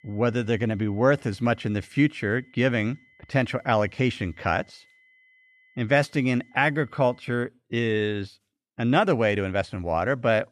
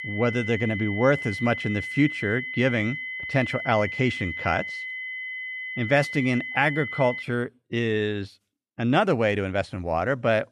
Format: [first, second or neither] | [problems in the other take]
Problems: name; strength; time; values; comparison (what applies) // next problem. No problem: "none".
first | high-pitched whine; loud; until 7 s; 2 kHz, 6 dB below the speech; faint in the first